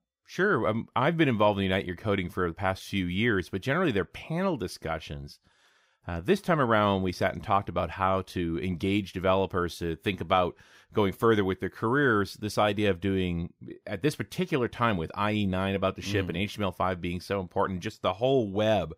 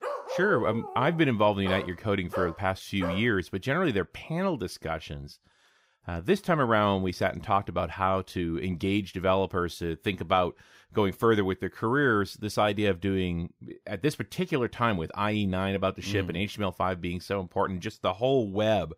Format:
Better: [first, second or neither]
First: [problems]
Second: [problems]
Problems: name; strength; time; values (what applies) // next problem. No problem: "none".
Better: first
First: none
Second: dog barking; noticeable; until 3 s; peak 5 dB below the speech